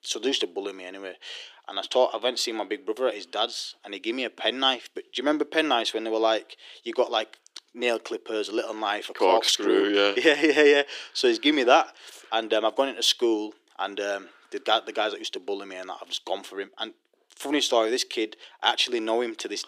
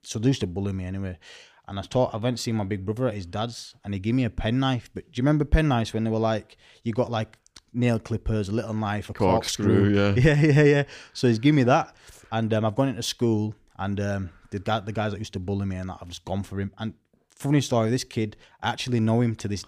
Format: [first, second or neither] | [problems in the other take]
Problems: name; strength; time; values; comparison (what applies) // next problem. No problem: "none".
second | thin; very; fading below 350 Hz